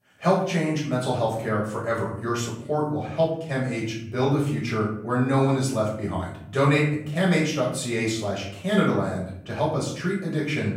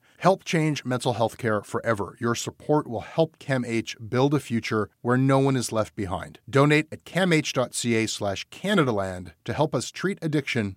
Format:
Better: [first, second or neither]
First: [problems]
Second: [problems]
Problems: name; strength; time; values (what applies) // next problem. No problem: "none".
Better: second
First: off-mic speech; far // room echo; noticeable; dies away in 0.6 s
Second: none